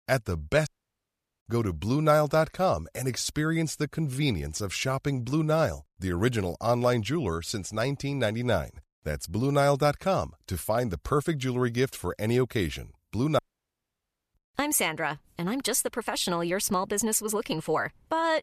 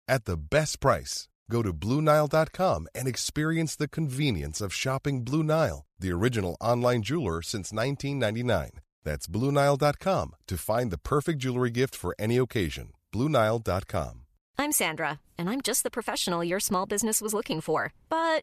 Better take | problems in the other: second | audio cutting out; at 0.5 s for 0.5 s and at 13 s for 1 s

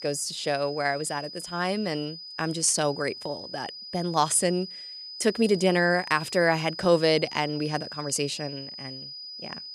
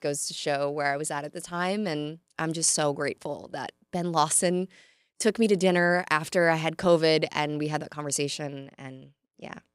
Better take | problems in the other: second | high-pitched whine; noticeable; throughout; 5 kHz, 10 dB below the speech

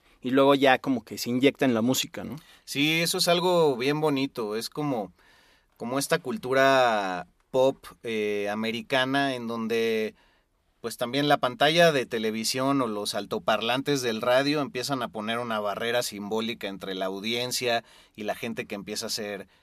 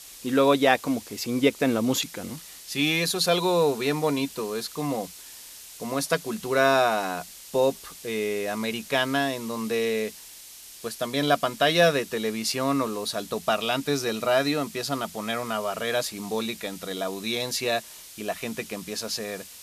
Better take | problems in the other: first | hiss; noticeable; throughout; 15 dB below the speech

